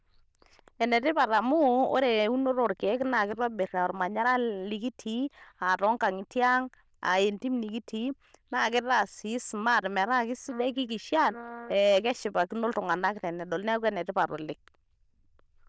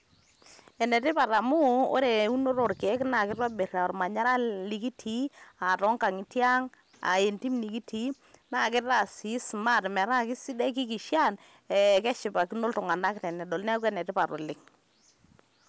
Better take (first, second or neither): second